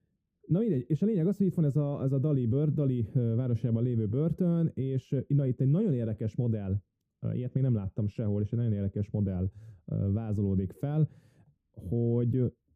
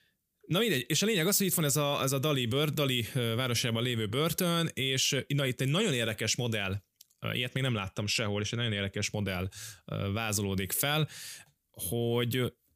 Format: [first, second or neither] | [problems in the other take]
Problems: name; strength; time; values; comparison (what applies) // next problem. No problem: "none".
second | muffled; very; fading above 1 kHz